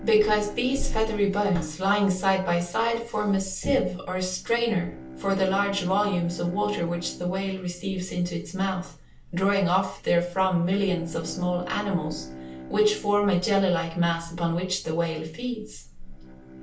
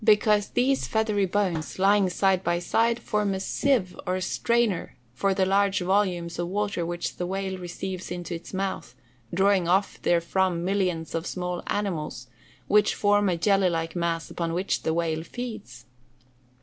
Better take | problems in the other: second | background sound (Bowed string instrument); 18 dB below the speech // room echo; dies away in 0.4 s

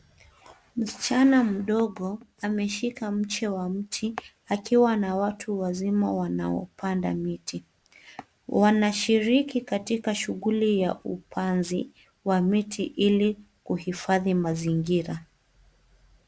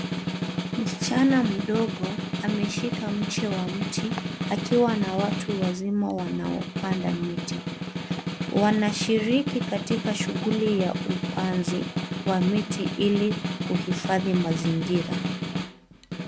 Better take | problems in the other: first | background sound (Snare drum); 3 dB below the speech

